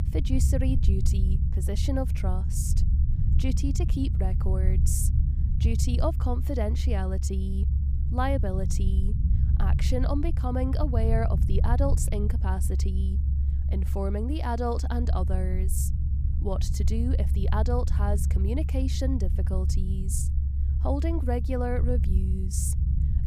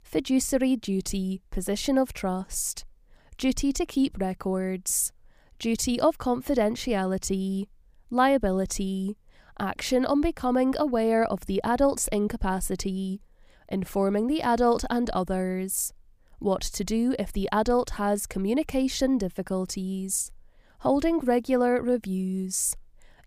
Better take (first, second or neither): second